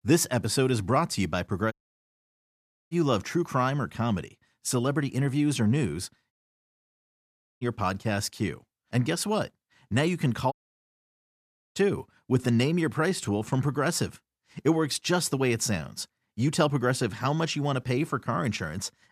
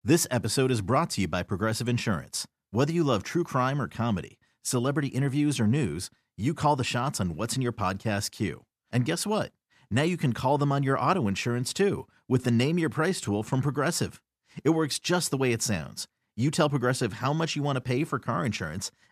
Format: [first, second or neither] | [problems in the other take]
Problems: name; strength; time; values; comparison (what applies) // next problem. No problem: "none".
second | audio cutting out; at 1.5 s for 1 s, at 6.5 s for 1.5 s and at 11 s for 1 s